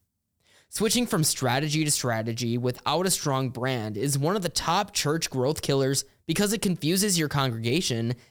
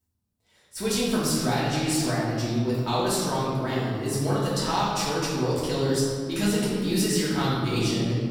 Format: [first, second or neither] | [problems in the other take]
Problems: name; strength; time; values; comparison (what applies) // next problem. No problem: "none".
first | room echo; strong; dies away in 1.8 s // off-mic speech; far